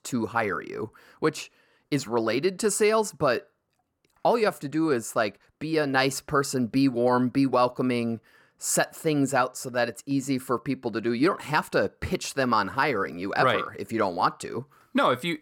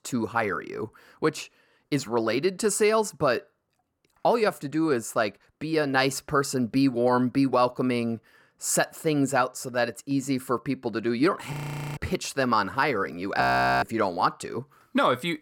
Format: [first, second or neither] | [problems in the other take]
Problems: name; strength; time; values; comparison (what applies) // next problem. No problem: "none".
first | audio freezing; at 12 s and at 13 s